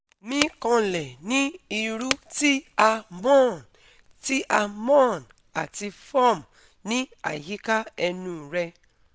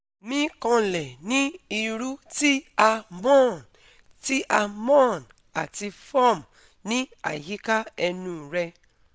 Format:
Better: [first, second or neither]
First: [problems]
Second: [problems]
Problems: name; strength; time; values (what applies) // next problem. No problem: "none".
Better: second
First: background sound (Wood); 11 dB below the speech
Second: none